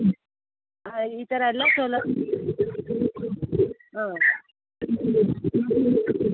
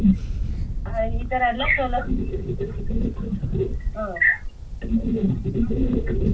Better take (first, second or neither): first